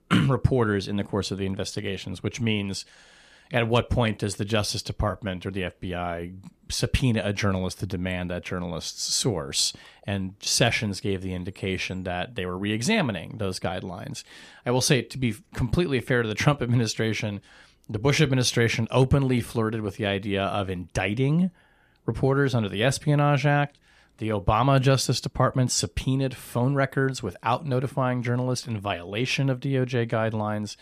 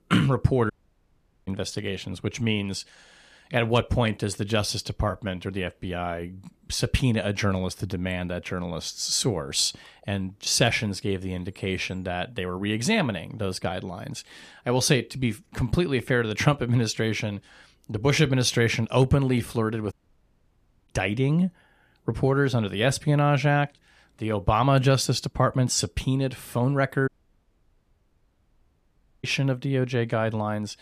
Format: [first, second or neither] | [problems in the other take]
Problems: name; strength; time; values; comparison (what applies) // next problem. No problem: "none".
first | audio cutting out; at 0.5 s for 1 s, at 20 s for 1 s and at 27 s for 2 s